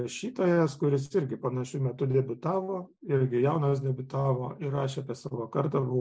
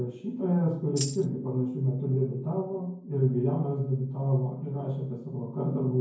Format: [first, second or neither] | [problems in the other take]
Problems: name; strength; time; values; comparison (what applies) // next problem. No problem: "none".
first | background sound (Tambourine); 10 dB below the speech // room echo; dies away in 0.9 s